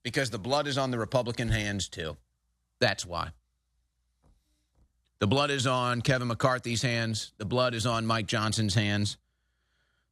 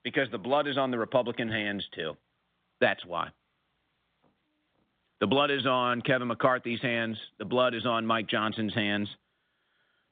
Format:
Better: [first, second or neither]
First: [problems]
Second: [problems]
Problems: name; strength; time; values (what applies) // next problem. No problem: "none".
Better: first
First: none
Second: phone-call audio